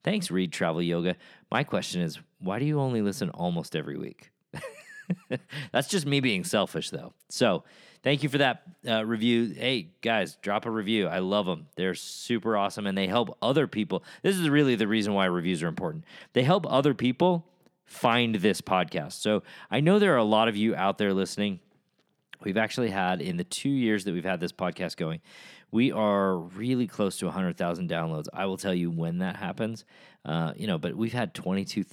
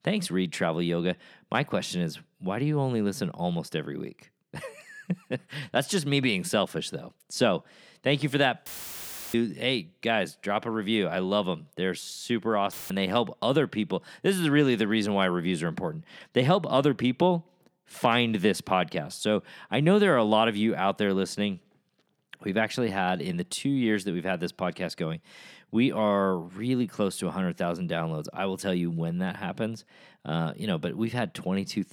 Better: first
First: none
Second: audio cutting out; filled with static; at 8.5 s for 0.5 s and at 13 s

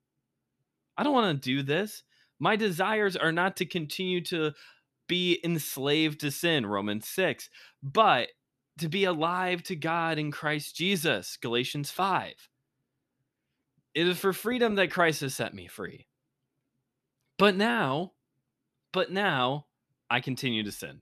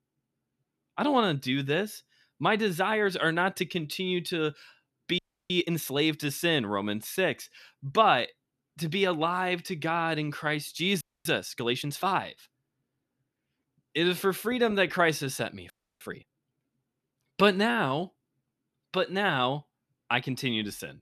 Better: first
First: none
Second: audio freezing; at 5 s, at 11 s and at 16 s

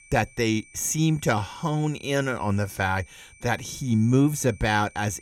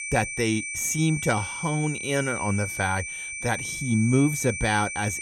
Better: first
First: high-pitched whine; faint; throughout; 2.5 kHz, 25 dB below the speech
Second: high-pitched whine; loud; throughout; 2.5 kHz, 5 dB below the speech

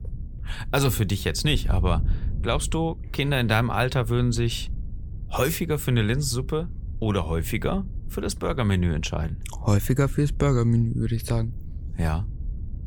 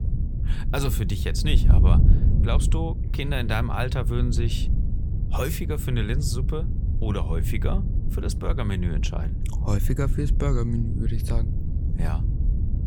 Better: first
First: wind noise on the microphone; occasional gusts; 20 dB below the speech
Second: wind noise on the microphone; heavy; 8 dB below the speech

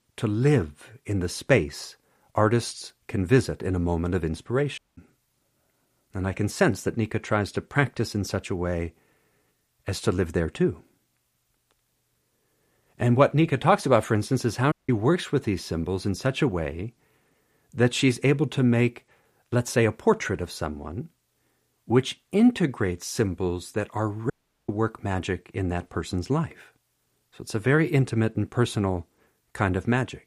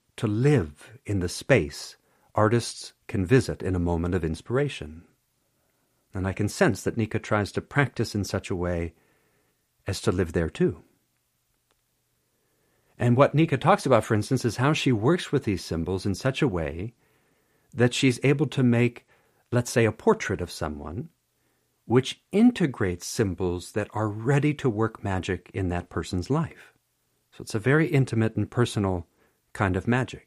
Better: second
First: audio cutting out; at 5 s, at 15 s and at 24 s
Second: none

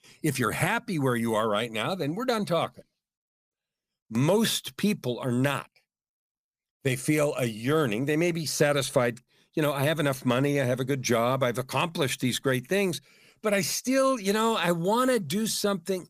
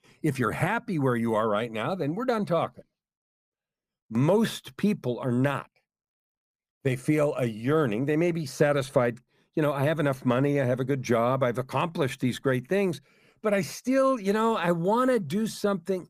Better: first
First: none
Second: muffled; slightly; fading above 2.5 kHz

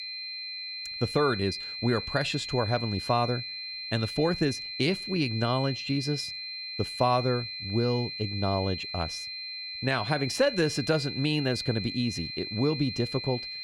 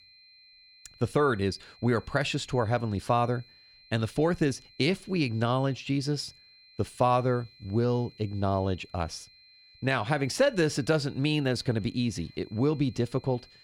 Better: second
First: high-pitched whine; loud; throughout; 4 kHz, 6 dB below the speech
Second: high-pitched whine; faint; throughout; 4 kHz, 25 dB below the speech

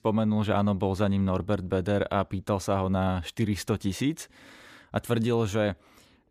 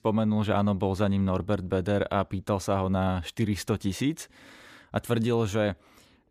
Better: neither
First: none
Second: none

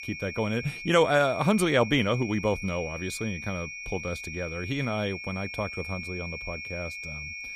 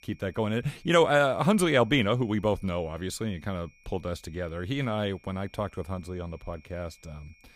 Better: second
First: high-pitched whine; loud; throughout; 2.5 kHz, 8 dB below the speech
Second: high-pitched whine; faint; throughout; 2.5 kHz, 30 dB below the speech

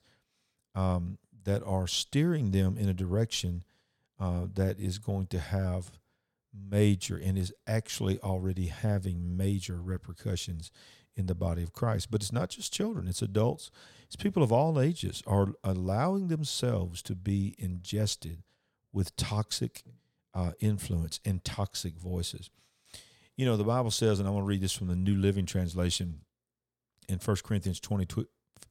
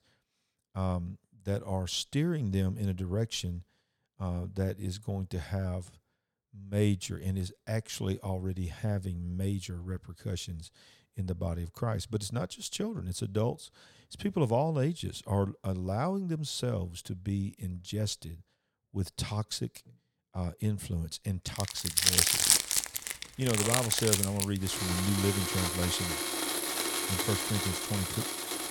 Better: first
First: none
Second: household noises; very loud; from 22 s on; 5 dB above the speech

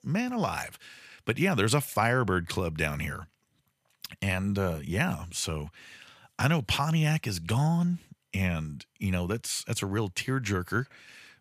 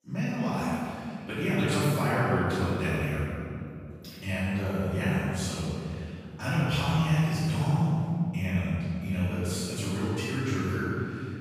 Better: first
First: none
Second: off-mic speech; far // room echo; strong; dies away in 2.8 s

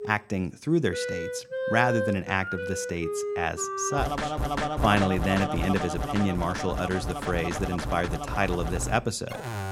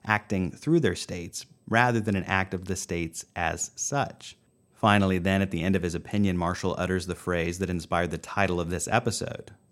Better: second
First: background music; loud; throughout; 3 dB below the speech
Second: none

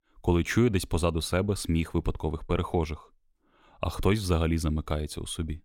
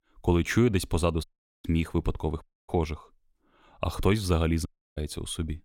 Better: first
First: none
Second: audio cutting out; at 1 s, at 2.5 s and at 4.5 s

